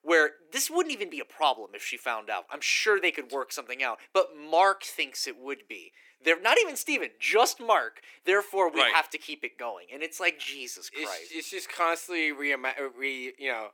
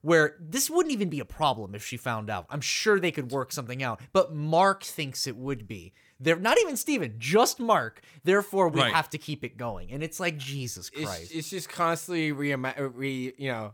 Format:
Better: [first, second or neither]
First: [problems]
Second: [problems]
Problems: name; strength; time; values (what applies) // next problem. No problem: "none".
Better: second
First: thin; somewhat; fading below 300 Hz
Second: none